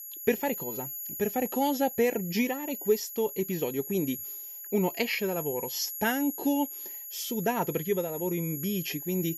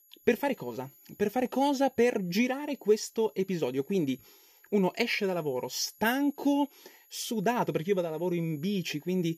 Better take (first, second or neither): second